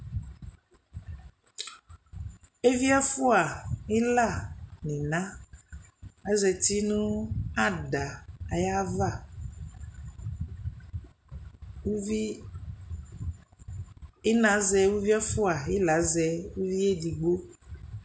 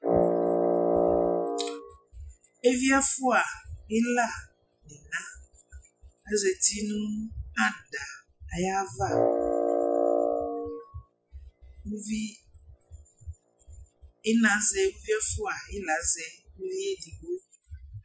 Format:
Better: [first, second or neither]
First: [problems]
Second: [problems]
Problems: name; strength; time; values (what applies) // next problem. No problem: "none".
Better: first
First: none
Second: noise reduction (classical method Wiener filter)